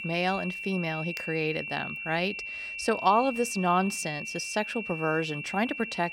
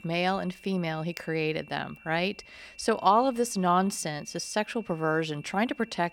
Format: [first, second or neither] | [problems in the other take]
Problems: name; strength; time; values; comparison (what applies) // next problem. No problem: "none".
second | high-pitched whine; loud; throughout; 2.5 kHz, 6 dB below the speech; faint in the second